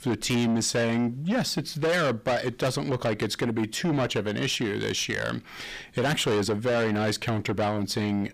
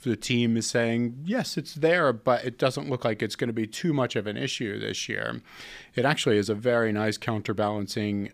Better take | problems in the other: second | distortion; heavy; 7 dB below the speech

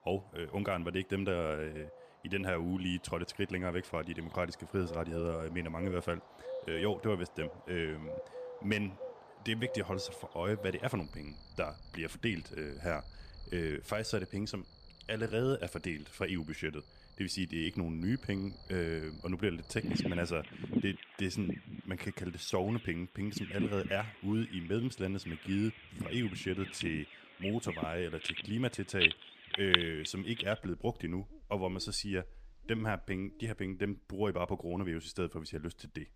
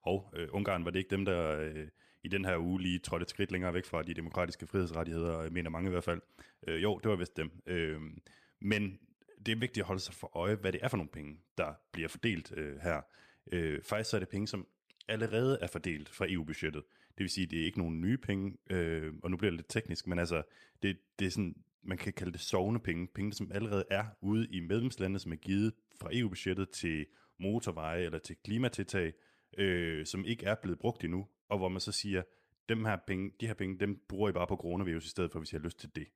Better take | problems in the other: second | animal sounds; loud; throughout; 2 dB below the speech

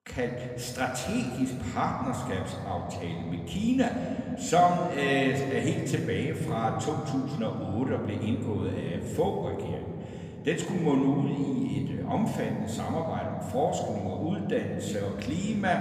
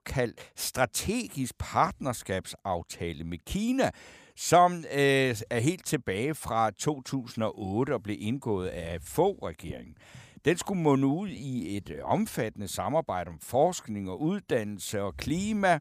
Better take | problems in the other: second | room echo; noticeable; dies away in 3 s // off-mic speech; somewhat distant

